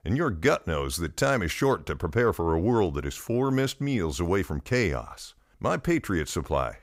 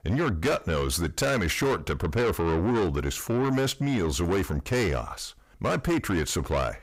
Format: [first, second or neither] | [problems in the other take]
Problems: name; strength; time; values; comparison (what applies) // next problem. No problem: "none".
first | distortion; heavy; 7 dB below the speech